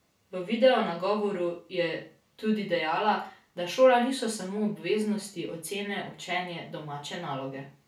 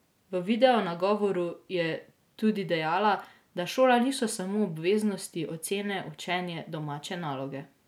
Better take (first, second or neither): second